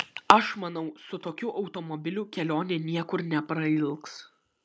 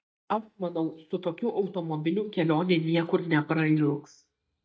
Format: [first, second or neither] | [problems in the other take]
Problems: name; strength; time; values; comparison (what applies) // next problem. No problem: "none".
first | noise reduction (neural mask model DeepFilterNet 3)